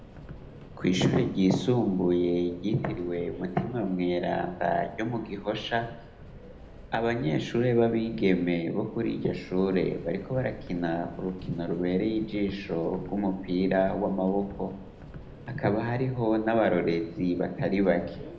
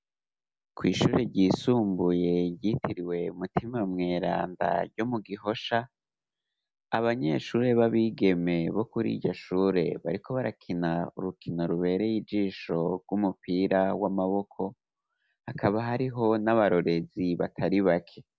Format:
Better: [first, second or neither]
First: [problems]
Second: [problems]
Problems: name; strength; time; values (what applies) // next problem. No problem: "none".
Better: second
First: background sound (Subway, metro, underground); 17 dB below the speech // room echo; dies away in 0.7 s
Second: none